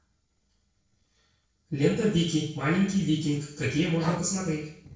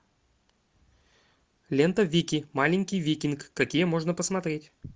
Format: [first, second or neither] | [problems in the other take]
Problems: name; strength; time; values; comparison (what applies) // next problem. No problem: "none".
second | noise reduction (neural separator model SepFormer DNS4)